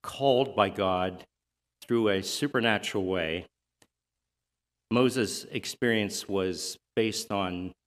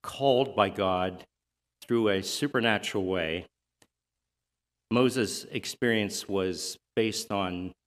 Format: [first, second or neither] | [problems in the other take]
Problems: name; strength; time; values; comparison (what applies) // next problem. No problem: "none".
neither | none